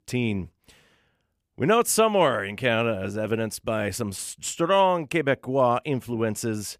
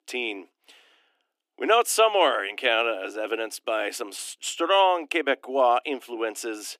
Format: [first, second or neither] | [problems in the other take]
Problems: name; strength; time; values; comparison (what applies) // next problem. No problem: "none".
first | thin; somewhat; fading below 300 Hz